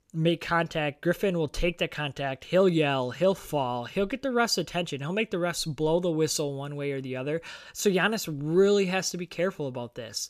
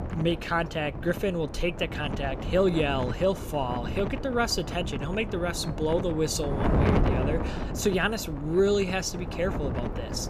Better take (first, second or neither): first